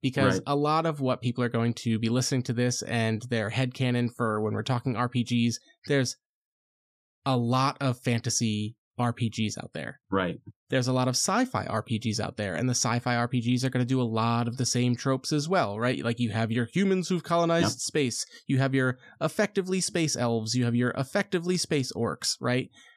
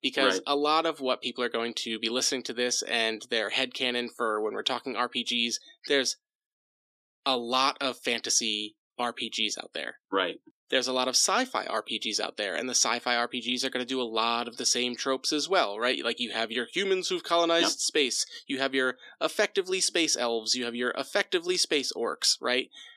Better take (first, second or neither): first